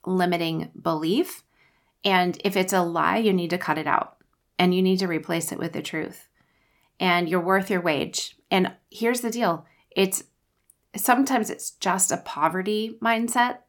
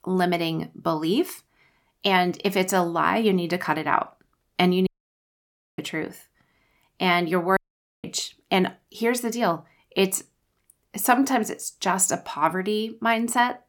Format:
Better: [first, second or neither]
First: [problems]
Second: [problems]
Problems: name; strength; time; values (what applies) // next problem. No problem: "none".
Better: first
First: none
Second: audio cutting out; at 5 s for 1 s and at 7.5 s